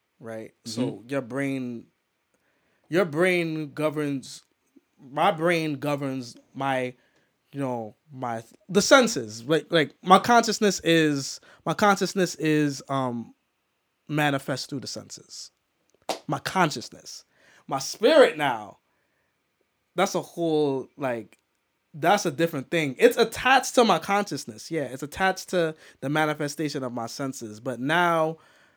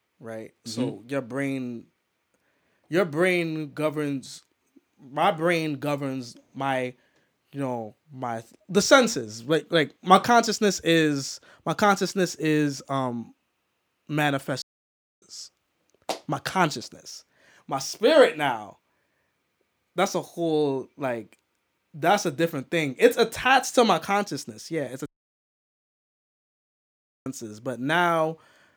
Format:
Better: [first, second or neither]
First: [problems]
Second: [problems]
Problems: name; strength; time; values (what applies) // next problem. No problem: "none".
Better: first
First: none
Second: audio cutting out; at 15 s for 0.5 s and at 25 s for 2 s